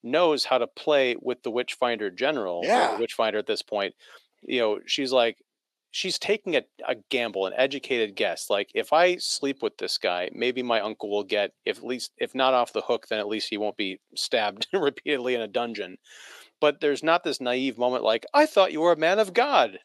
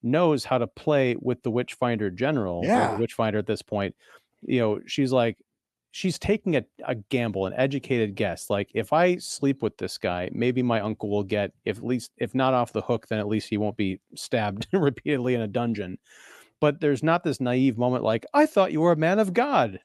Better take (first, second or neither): second